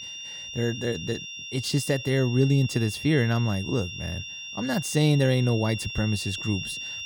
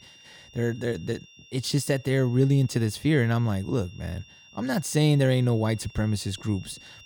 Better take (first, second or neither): second